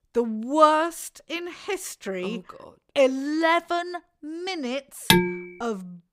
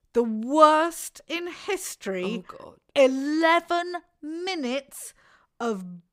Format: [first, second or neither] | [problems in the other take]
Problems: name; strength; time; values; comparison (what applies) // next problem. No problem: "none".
second | clattering dishes; loud; at 5 s; peak 6 dB above the speech